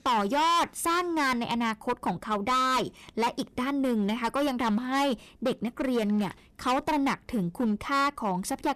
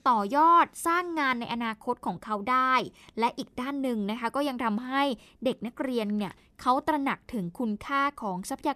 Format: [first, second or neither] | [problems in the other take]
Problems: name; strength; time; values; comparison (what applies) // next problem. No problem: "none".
second | distortion; heavy; 14% of the sound clipped